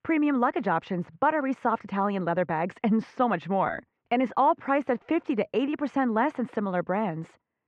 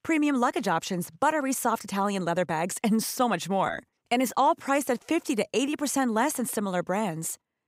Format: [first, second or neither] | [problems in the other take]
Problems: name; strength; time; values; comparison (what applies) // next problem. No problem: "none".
second | muffled; very; fading above 2.5 kHz